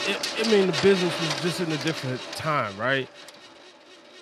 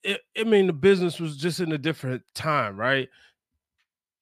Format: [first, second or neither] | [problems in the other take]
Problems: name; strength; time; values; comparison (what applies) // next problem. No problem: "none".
second | household noises; loud; throughout; 4 dB below the speech